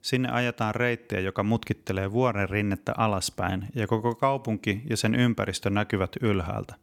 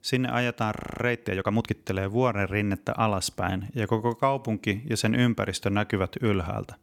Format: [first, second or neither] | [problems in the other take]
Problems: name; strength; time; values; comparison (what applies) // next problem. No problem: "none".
first | audio freezing; at 1 s